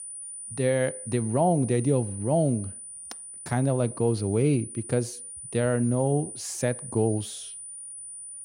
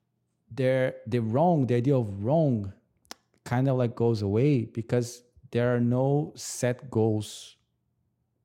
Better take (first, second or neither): second